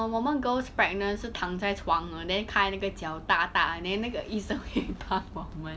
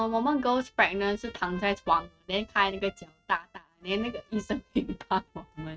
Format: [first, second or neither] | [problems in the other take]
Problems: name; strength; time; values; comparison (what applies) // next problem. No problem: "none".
first | noise reduction (neural mask model RNNoise)